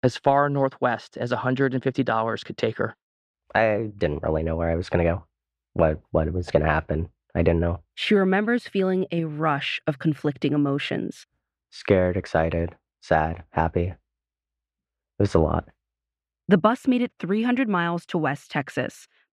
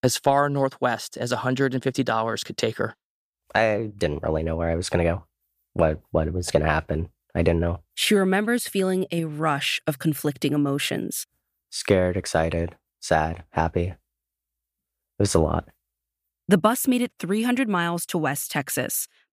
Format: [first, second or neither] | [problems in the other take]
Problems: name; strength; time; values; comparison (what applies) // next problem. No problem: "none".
second | muffled; slightly; fading above 3 kHz